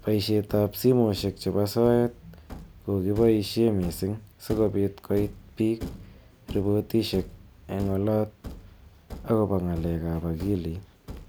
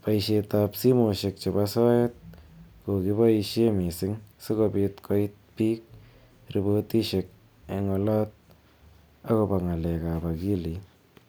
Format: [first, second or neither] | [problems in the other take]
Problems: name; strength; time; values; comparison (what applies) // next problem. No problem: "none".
second | background sound (Thump, thud); 16 dB below the speech